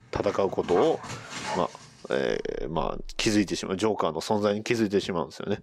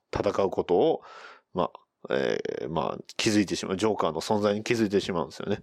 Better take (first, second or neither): second